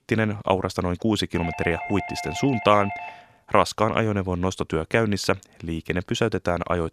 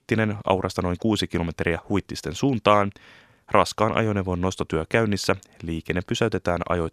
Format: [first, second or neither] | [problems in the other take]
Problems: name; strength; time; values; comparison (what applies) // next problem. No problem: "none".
second | doorbell; noticeable; from 1.5 to 3 s; peak 8 dB below the speech